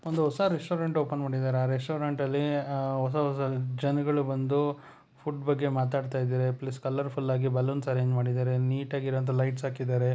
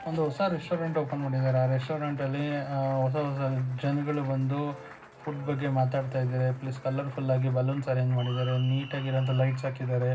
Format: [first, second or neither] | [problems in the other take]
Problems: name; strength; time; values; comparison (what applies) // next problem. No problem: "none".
first | background sound (Applause); 19 dB below the speech // room echo; dies away in 0.4 s